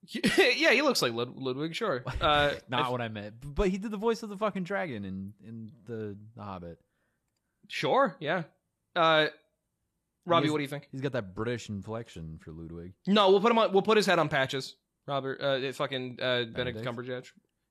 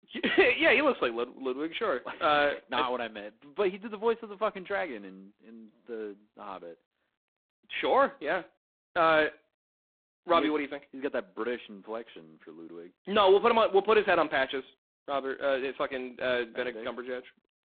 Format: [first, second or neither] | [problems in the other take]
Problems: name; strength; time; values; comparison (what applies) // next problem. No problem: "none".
first | phone-call audio; poor line